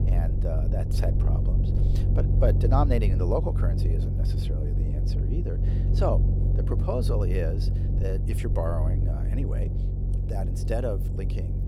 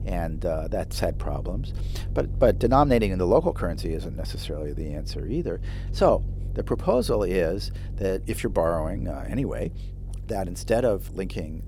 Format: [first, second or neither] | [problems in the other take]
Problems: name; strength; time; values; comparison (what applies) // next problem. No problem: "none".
second | low rumble; loud; throughout; 7 dB below the speech; faint in the second